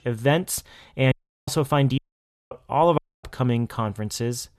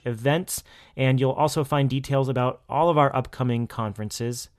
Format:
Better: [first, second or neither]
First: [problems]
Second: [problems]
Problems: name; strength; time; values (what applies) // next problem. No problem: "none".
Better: second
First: audio cutting out; at 1 s, at 2 s for 0.5 s and at 3 s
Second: none